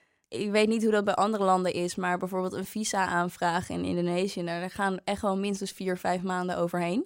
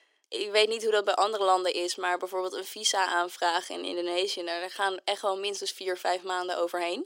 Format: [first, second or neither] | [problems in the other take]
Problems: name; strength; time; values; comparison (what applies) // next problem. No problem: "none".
first | thin; very; fading below 350 Hz